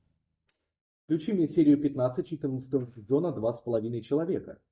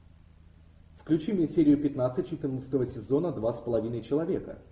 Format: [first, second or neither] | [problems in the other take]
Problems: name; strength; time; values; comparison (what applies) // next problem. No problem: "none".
second | noise reduction (neural mask model DeepFilterNet 3)